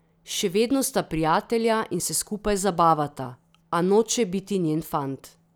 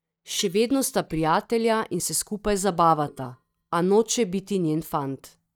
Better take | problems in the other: first | noise reduction (neural mask model DeepFilterNet 3)

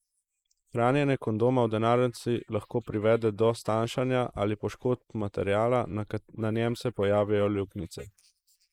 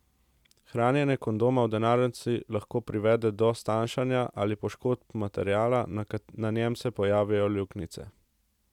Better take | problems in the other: second | noise reduction (neural mask model Resemble Enhance denoiser)

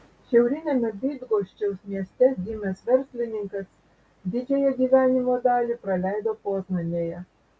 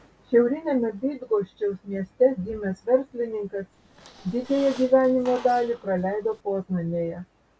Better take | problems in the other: first | background sound (Squeak); 20 dB below the speech

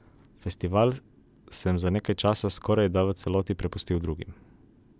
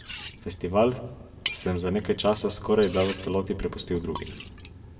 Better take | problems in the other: first | background sound (Liquid); 14 dB below the speech // room echo; dies away in 1 s

